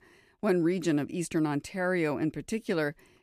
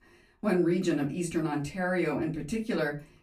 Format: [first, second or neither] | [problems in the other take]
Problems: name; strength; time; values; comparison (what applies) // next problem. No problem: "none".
first | off-mic speech; far // room echo; very slight; dies away in 0.3 s